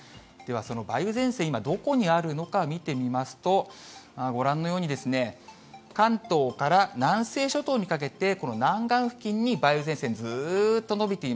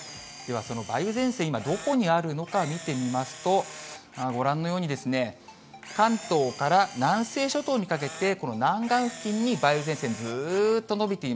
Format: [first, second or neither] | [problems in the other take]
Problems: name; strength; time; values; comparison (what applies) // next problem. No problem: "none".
first | background sound (Camera); 17 dB below the speech